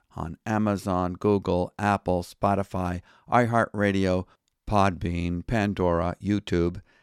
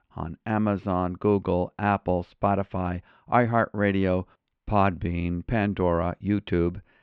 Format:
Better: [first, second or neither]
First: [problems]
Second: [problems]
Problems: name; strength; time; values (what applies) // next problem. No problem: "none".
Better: first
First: none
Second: muffled; very; fading above 3 kHz